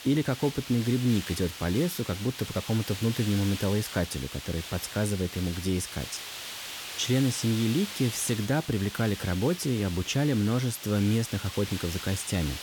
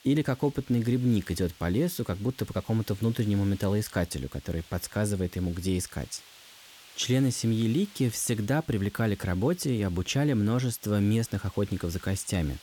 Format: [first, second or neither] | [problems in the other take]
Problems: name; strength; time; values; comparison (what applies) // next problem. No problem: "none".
second | hiss; loud; throughout; 9 dB below the speech; faint in the second